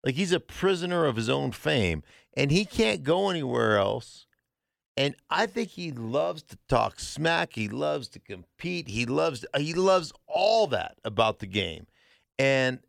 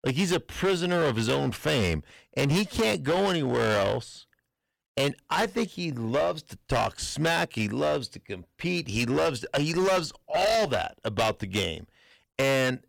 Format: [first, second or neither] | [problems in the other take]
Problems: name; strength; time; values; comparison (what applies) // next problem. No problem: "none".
first | distortion; heavy; 14% of the sound clipped